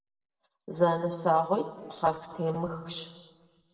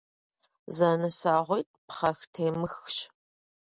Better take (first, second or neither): second